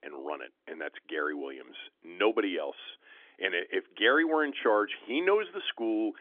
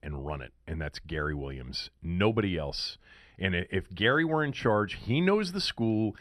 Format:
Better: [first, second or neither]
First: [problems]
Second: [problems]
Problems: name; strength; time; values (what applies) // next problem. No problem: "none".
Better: second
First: phone-call audio; nothing above 3.5 kHz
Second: none